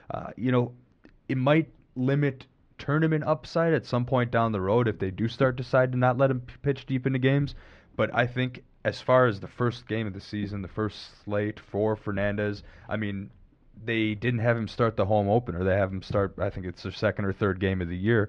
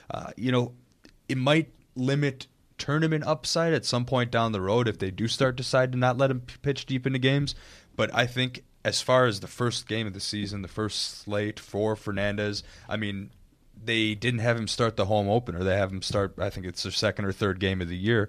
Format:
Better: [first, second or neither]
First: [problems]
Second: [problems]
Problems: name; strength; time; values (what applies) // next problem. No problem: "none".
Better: second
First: muffled; very; fading above 2 kHz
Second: none